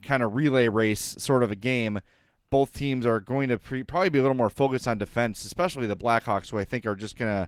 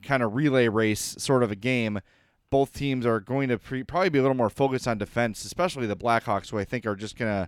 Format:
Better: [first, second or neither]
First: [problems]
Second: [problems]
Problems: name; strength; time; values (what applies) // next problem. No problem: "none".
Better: second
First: garbled, watery; slightly; nothing above 15.5 kHz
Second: none